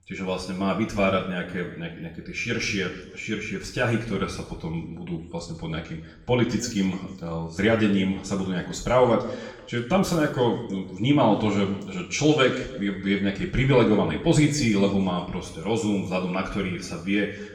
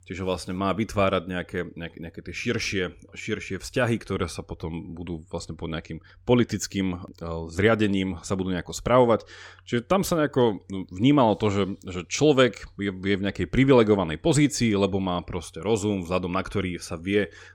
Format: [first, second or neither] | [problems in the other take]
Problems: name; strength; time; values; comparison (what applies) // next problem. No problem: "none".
second | room echo; noticeable; dies away in 0.9 s // off-mic speech; far